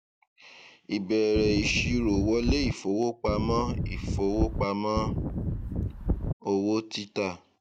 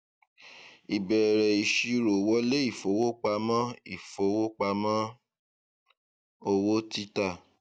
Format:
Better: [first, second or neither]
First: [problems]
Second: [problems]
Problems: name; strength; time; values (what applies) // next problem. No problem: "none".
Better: second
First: background sound (Wind); 1 dB below the speech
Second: none